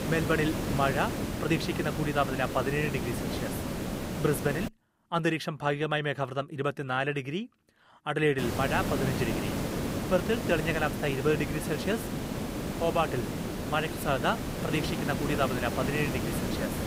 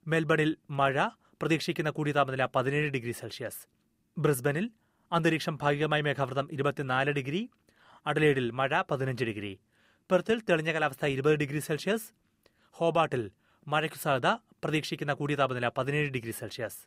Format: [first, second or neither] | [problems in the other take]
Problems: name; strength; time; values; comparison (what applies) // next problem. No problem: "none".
second | hiss; loud; until 4.5 s and from 8.5 s on; 3 dB below the speech